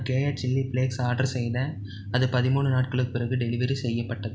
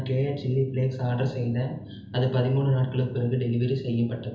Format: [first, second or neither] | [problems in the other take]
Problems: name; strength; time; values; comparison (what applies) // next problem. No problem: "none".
first | room echo; dies away in 0.7 s